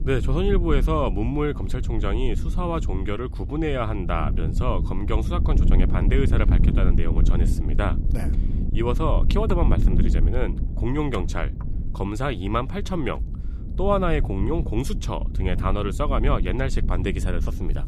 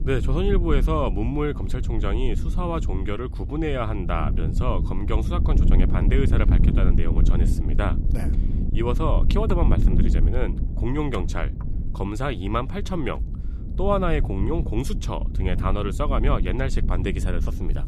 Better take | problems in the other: first | wind noise on the microphone; heavy; 9 dB below the speech; occasional gusts in the first

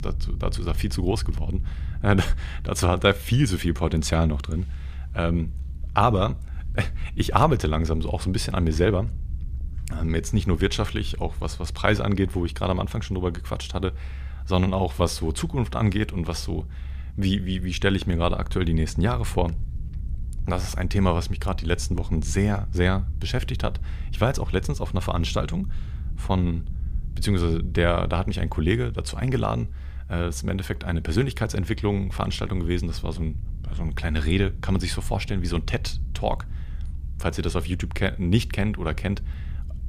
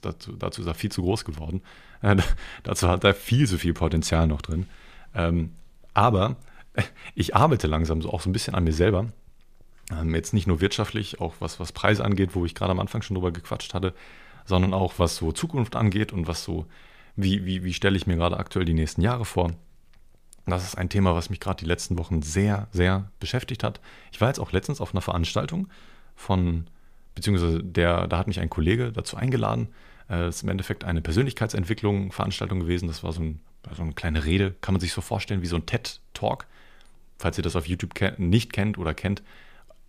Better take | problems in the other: second | low rumble; faint; throughout; 25 dB below the speech

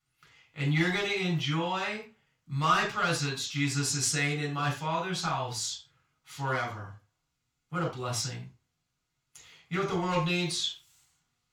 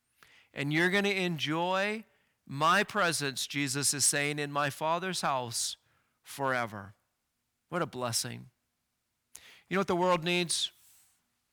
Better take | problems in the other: second | room echo; noticeable; dies away in 0.3 s // off-mic speech; far

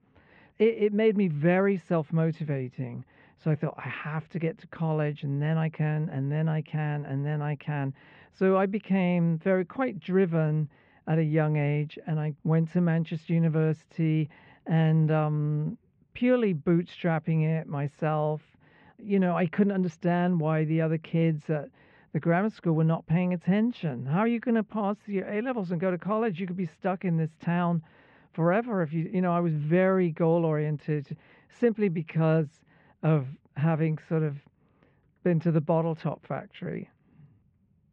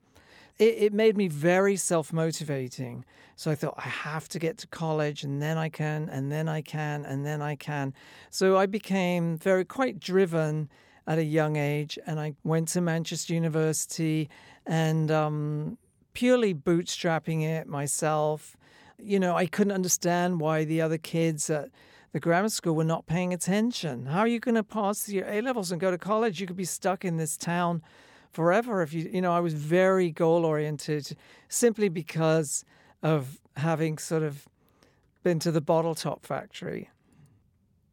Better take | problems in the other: second | muffled; very; fading above 2.5 kHz

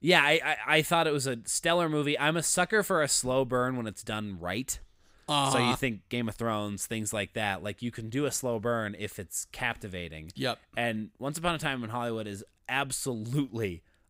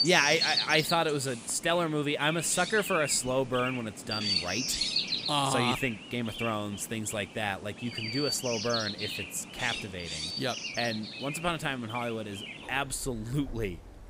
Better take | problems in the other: first | animal sounds; loud; throughout; 3 dB below the speech

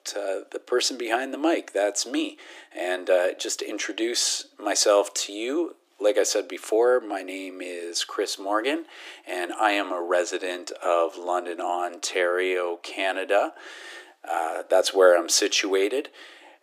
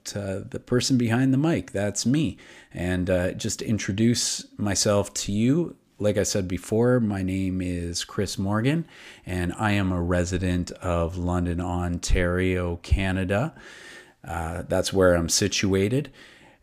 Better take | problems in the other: second | thin; very; fading below 300 Hz

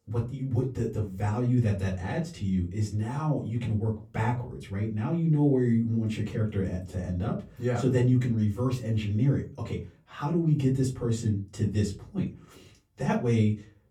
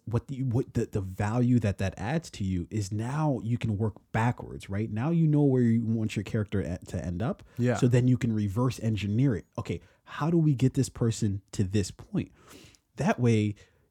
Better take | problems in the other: second | off-mic speech; far // room echo; very slight; dies away in 0.2 s

